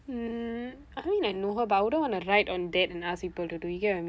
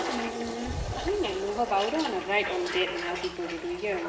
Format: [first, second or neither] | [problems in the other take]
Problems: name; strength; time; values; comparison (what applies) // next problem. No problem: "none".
first | background sound (Toilet flush); 5 dB below the speech // room echo; dies away in 2.7 s